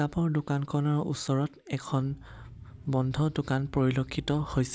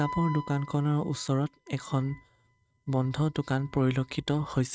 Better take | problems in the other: first | noise reduction (neural mask model RNNoise)

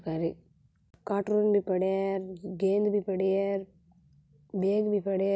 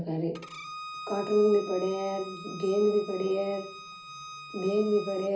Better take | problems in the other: first | background sound (Bowed string instrument); 14 dB below the speech // room echo; dies away in 0.4 s

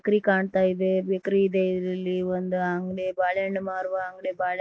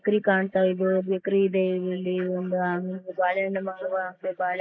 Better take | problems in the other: first | noise reduction (neural mask model Resemble Enhance denoiser)

